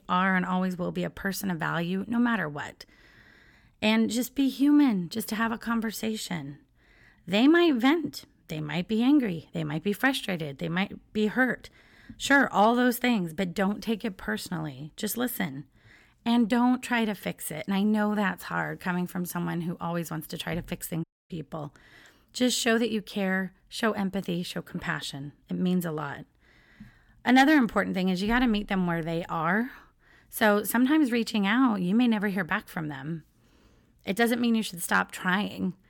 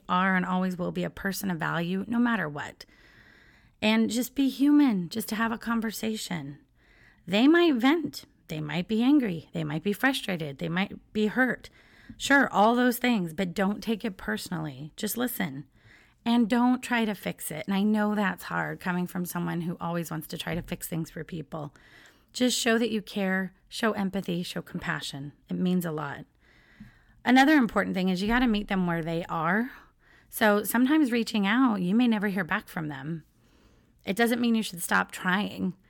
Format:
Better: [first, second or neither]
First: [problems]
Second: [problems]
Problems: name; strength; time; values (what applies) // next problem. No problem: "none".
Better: second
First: audio cutting out; at 21 s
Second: none